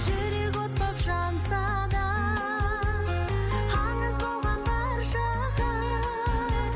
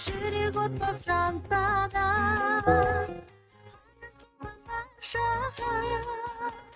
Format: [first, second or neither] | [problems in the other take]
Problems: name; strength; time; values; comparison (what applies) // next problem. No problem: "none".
first | noise reduction (neural mask model RNNoise)